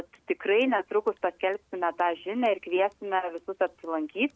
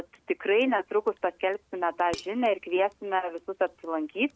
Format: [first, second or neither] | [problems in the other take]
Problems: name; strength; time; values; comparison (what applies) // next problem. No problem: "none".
first | background sound (Dishes, pots, and pans); 17 dB below the speech